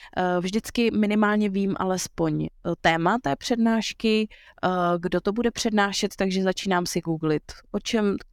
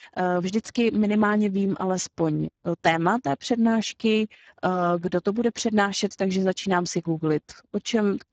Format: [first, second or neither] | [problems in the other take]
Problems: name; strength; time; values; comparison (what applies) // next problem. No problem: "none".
first | garbled, watery; badly; nothing above 7.5 kHz